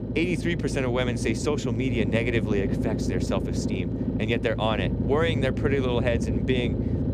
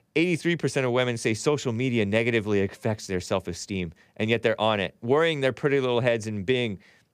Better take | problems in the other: second | low rumble; loud; throughout; 6 dB below the speech

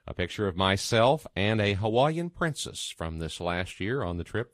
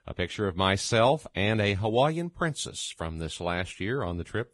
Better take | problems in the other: first | garbled, watery; badly; nothing above 10.5 kHz; slightly in the first

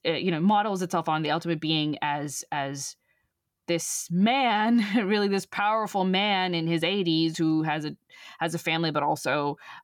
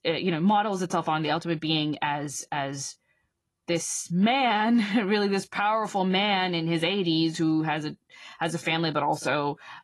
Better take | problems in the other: first | garbled, watery; slightly

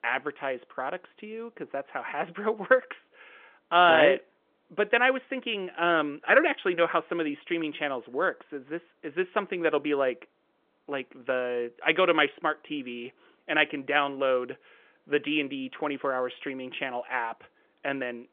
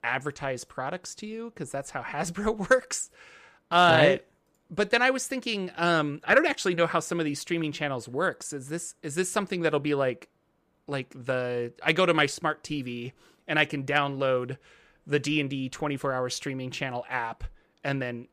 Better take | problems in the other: second | phone-call audio; nothing above 3.5 kHz

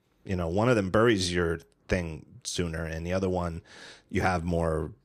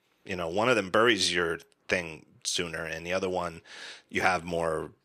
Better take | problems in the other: first | thin; somewhat; fading below 550 Hz

